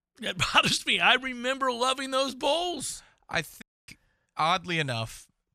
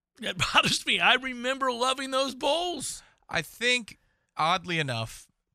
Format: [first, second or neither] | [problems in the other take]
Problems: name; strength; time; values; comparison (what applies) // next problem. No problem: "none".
second | audio cutting out; at 3.5 s